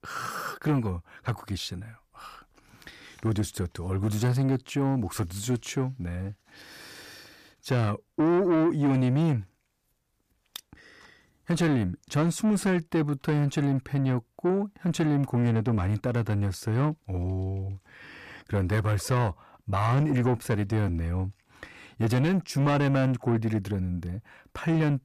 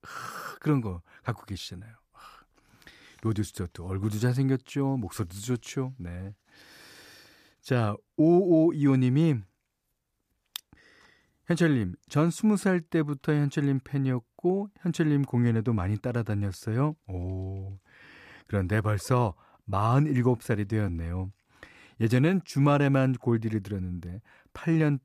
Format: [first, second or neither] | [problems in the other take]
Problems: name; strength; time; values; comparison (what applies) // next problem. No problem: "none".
second | distortion; slight; 10 dB below the speech